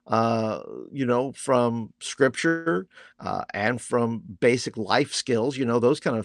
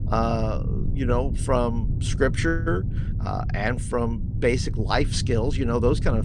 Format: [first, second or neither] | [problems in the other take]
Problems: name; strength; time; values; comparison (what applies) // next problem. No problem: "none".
first | low rumble; noticeable; throughout; 15 dB below the speech